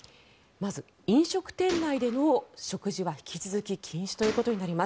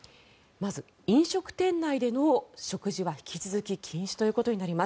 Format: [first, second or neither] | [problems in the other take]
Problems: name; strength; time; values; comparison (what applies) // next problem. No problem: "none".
second | background sound (Gunshot, gunfire); 16 dB below the speech